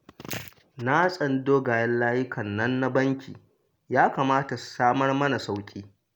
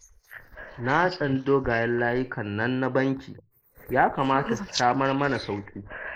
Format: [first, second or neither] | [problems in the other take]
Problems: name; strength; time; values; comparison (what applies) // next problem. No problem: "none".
first | noise reduction (neural mask model Resemble Enhance denoiser)